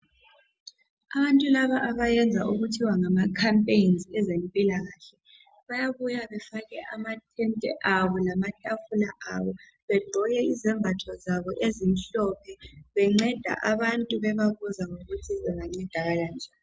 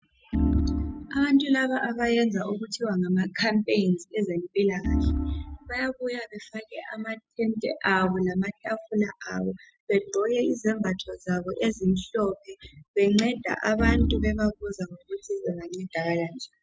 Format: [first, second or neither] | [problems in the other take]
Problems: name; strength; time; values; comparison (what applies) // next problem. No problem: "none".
first | noise reduction (classical method spectral subtraction)